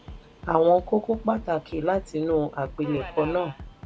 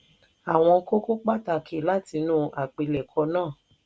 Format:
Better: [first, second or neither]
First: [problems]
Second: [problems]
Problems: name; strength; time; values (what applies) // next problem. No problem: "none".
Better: second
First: background sound (Bass drum + Subway, metro, underground); 15 dB below the speech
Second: none